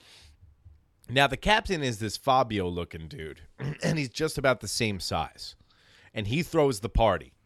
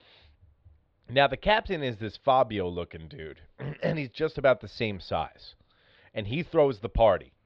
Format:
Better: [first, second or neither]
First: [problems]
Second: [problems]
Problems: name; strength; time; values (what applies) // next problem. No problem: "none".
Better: first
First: none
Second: muffled; slightly; fading above 4 kHz